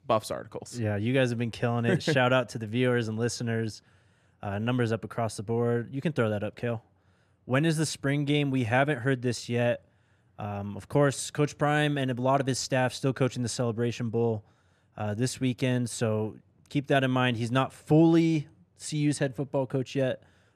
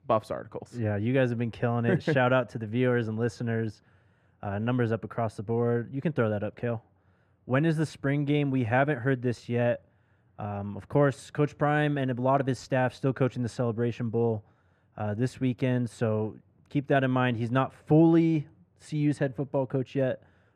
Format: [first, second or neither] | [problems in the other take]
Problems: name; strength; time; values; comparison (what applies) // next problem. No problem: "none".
first | muffled; slightly; fading above 3 kHz